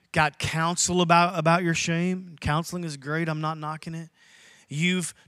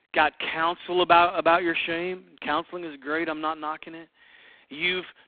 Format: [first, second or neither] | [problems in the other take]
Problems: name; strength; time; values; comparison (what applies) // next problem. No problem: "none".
first | phone-call audio; poor line